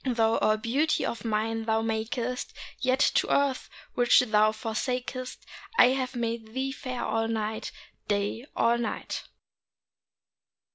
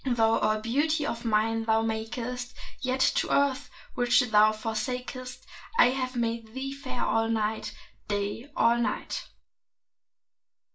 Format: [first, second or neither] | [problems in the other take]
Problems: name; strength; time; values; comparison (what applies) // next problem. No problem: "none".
first | room echo; dies away in 0.2 s